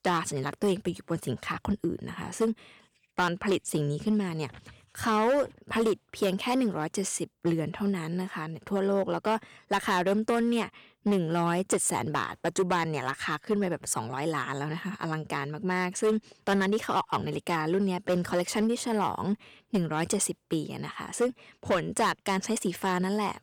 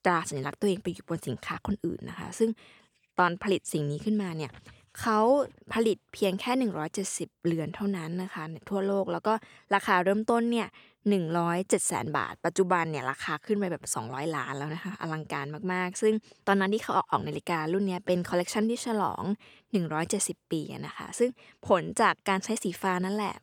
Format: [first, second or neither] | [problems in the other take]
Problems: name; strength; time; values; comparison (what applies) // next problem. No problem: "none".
second | distortion; slight; 5% of the sound clipped